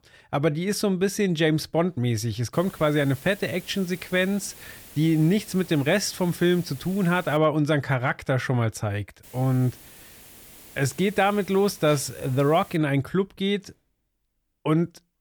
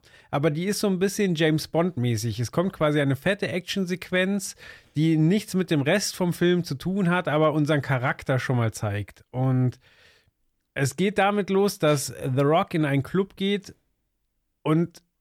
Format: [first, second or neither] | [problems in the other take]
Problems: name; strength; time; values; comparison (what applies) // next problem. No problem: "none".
second | hiss; faint; from 2.5 to 7.5 s and from 9 to 13 s; 20 dB below the speech